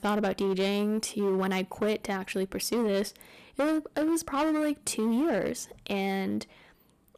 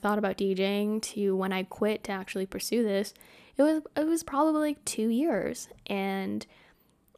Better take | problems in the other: second | distortion; slight; 13% of the sound clipped

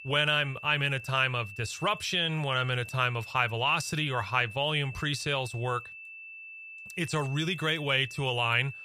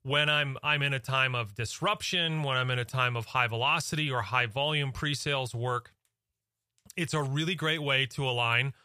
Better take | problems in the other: second | high-pitched whine; noticeable; throughout; 2.5 kHz, 15 dB below the speech

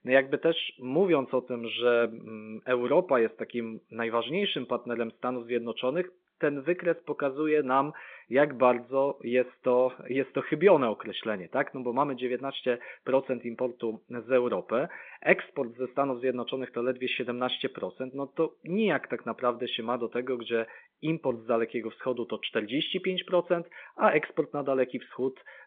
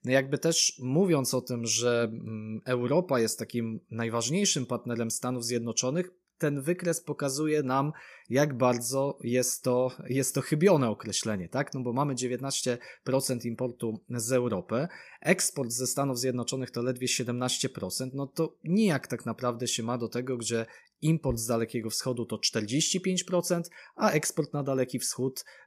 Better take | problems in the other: second | phone-call audio; nothing above 3.5 kHz

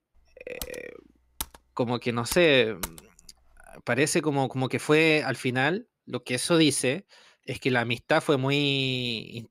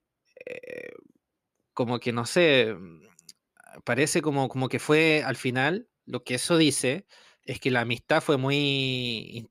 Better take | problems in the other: second | keyboard typing; faint; from 0.5 to 3 s; peak 10 dB below the speech

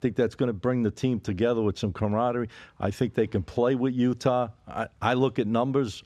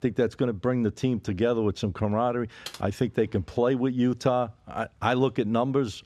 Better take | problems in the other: first | keyboard typing; faint; at 2.5 s; peak 15 dB below the speech

